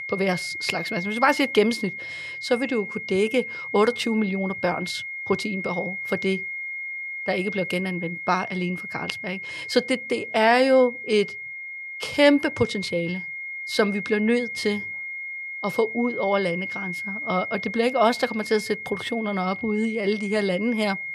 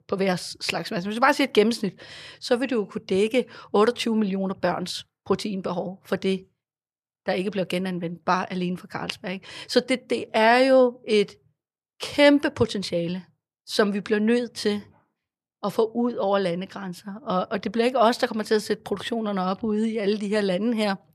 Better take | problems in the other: second | high-pitched whine; loud; throughout; 2 kHz, 7 dB below the speech

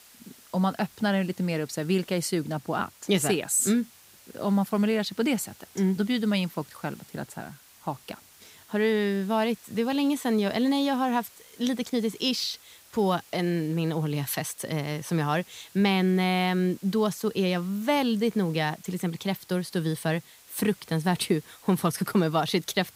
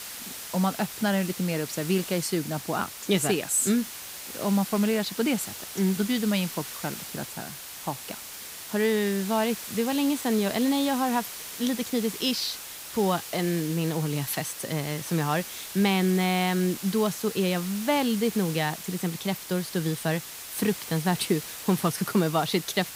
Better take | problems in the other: first | hiss; loud; throughout; 9 dB below the speech; faint in the first

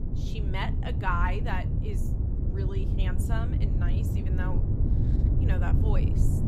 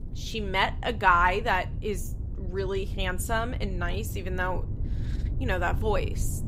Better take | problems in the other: second | wind noise on the microphone; heavy; 5 dB below the speech; occasional gusts in the second

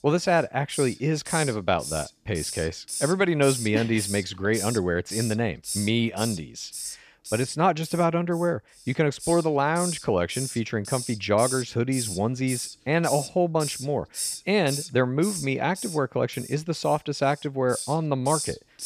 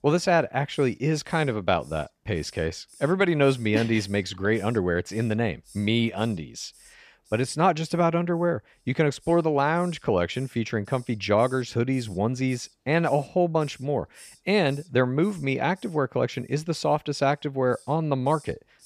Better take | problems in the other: second | hiss; loud; throughout; 8 dB below the speech; faint in the second

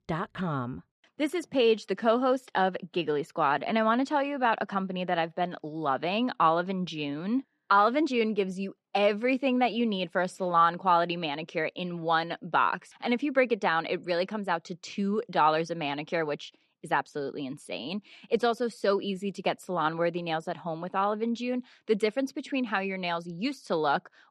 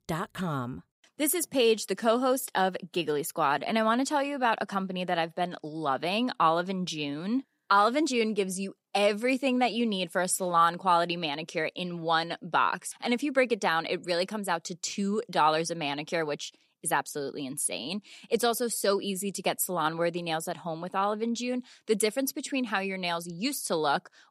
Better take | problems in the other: second | muffled; slightly; fading above 3 kHz

